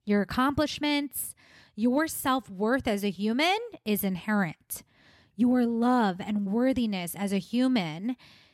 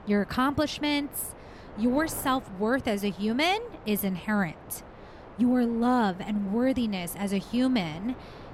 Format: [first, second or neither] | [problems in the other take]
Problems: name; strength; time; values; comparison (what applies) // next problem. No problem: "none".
first | wind noise on the microphone; occasional gusts; 15 dB below the speech